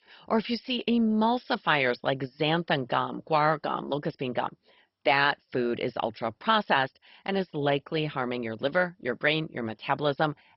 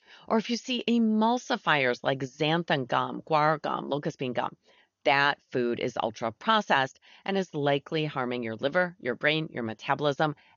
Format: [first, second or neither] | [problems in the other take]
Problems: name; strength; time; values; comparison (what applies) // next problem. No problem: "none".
second | garbled, watery; badly; nothing above 5.5 kHz; slightly in the second